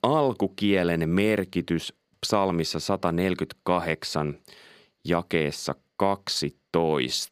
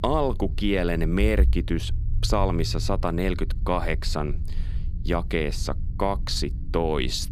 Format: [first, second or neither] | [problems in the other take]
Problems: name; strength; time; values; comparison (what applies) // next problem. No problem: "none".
first | low rumble; noticeable; throughout; 20 dB below the speech